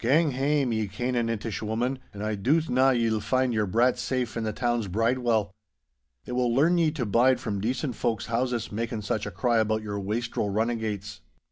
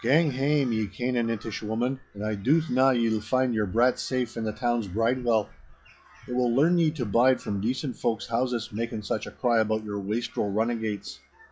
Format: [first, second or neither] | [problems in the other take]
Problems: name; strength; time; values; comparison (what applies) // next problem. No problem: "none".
first | noise reduction (classical method log-MMSE)